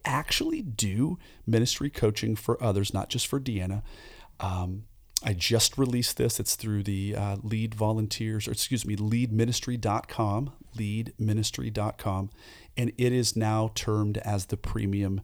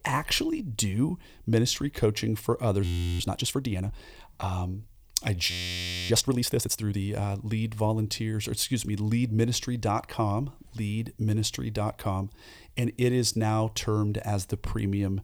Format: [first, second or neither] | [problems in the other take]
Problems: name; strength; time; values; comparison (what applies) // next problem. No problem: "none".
first | audio freezing; at 3 s and at 5.5 s for 0.5 s